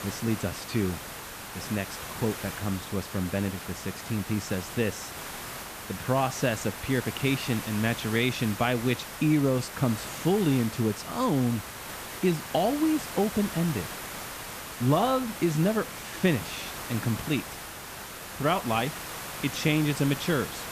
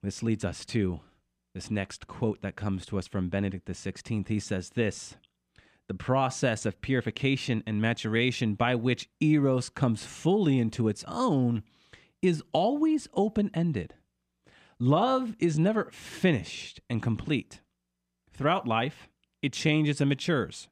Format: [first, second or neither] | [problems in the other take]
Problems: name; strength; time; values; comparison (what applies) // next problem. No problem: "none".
second | hiss; loud; throughout; 9 dB below the speech